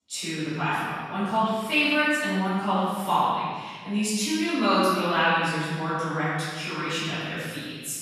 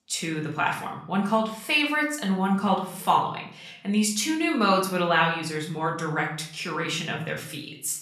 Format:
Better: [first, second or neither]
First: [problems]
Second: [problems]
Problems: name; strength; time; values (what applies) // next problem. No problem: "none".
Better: second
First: room echo; strong; dies away in 1.6 s // off-mic speech; far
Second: room echo; slight; dies away in 0.6 s // off-mic speech; far